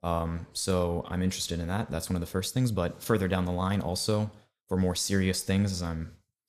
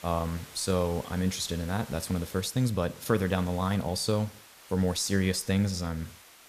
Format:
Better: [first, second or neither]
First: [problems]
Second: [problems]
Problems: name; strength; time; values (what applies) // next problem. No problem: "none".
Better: first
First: none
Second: hiss; noticeable; throughout; 20 dB below the speech